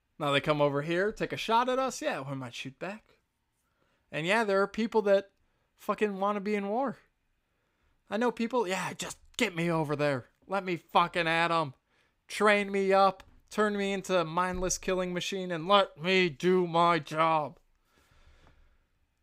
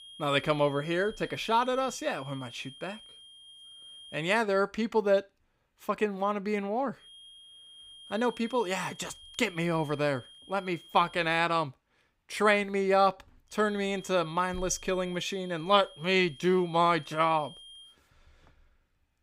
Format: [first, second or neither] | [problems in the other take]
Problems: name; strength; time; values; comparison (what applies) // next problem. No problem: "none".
first | high-pitched whine; noticeable; until 4.5 s, from 7 to 11 s and from 14 to 18 s; 3 kHz, 20 dB below the speech